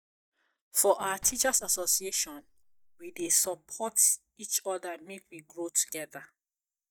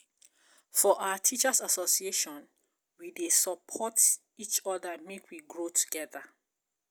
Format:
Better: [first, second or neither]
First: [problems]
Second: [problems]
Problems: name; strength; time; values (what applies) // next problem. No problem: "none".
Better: second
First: noise reduction (neural mask model DeepFilterNet 3)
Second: none